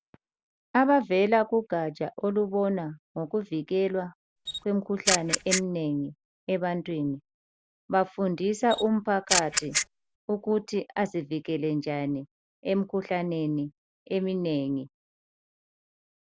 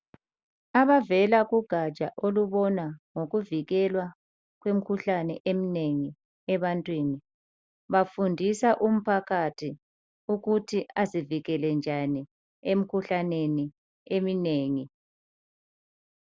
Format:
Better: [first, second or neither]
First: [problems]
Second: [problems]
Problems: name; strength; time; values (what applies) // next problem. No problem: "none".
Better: second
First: background sound (Camera); 2 dB below the speech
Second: none